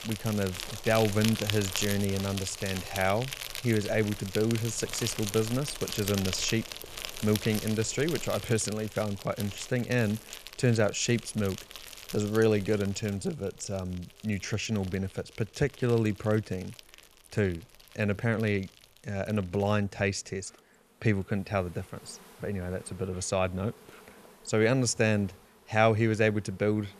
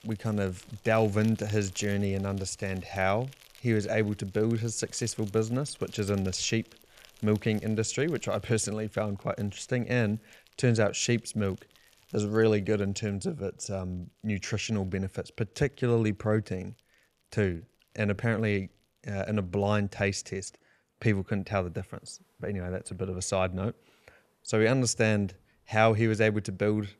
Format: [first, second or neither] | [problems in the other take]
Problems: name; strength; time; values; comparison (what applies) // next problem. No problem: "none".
second | animal sounds; loud; throughout; 8 dB below the speech; faint in the second